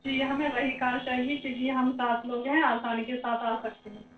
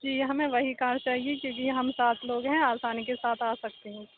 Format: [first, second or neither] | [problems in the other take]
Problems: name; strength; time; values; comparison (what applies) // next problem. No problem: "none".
second | noise reduction (neural separator model SepFormer DNS4)